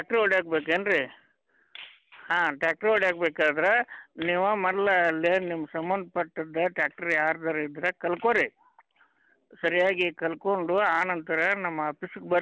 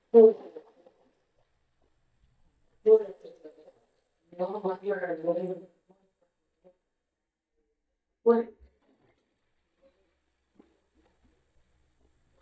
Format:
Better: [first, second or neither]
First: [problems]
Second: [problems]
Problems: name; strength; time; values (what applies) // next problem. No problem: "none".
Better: first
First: none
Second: noise reduction (neural mask model DeepFilterNet 3)